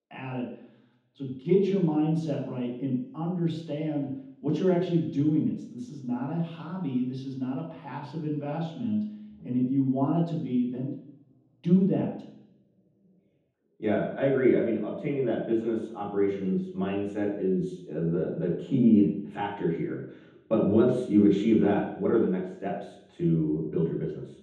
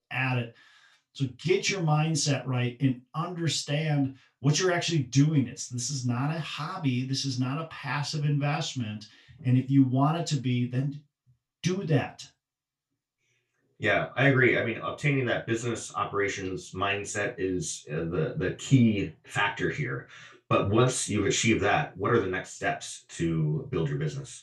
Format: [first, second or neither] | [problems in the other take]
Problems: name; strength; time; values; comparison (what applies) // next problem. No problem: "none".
second | room echo; strong; dies away in 0.9 s; slight in the second // off-mic speech; far; far in the second